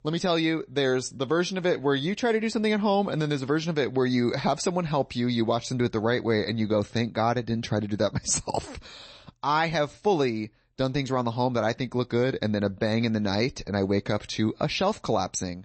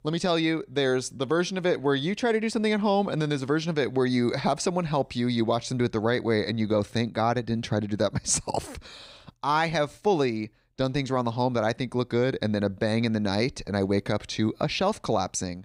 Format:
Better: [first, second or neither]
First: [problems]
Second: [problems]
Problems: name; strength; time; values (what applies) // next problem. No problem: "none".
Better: second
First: garbled, watery; slightly; nothing above 8 kHz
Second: none